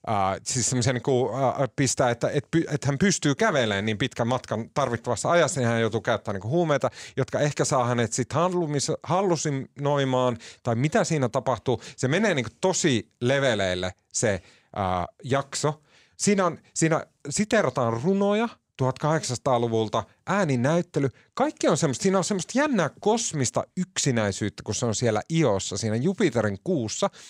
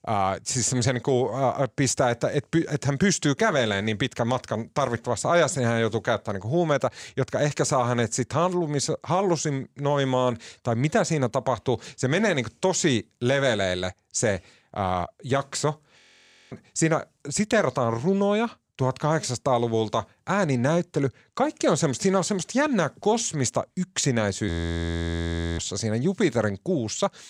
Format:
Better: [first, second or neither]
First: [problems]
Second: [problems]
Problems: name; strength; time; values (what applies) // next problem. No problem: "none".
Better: first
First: none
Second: audio freezing; at 16 s for 0.5 s and at 24 s for 1 s